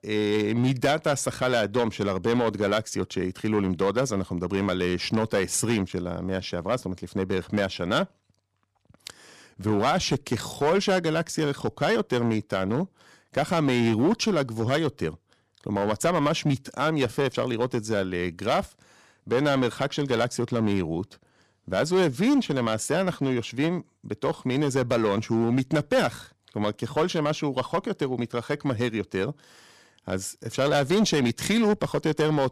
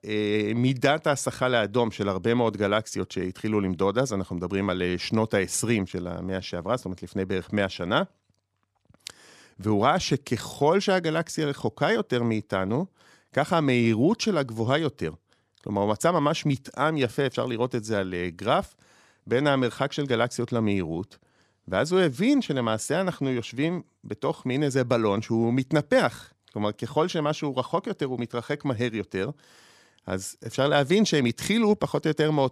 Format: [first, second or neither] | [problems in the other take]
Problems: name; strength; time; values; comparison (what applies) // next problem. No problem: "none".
second | distortion; slight; 5% of the sound clipped